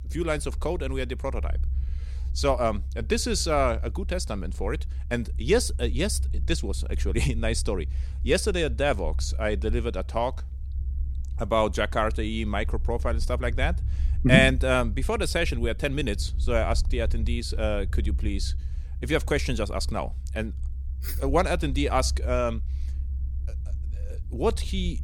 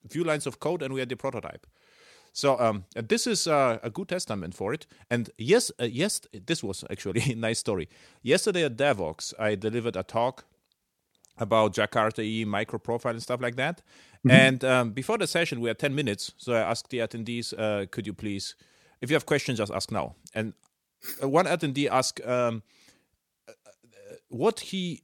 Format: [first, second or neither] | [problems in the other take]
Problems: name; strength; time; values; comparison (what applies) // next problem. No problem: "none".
second | low rumble; faint; throughout; 25 dB below the speech